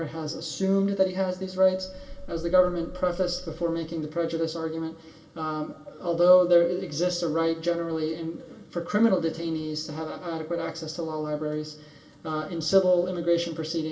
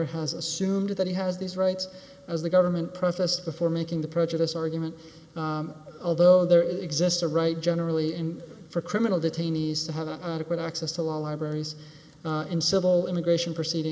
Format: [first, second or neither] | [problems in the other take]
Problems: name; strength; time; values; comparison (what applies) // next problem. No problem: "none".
second | background sound (Wind); 14 dB below the speech // room echo; dies away in 0.2 s